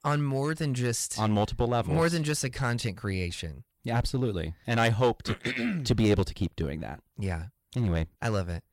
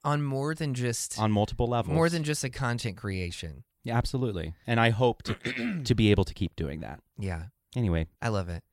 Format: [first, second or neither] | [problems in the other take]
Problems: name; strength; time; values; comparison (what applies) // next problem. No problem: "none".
second | distortion; slight; 4% of the sound clipped